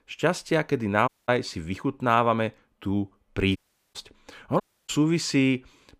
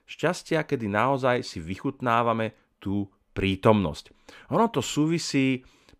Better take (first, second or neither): second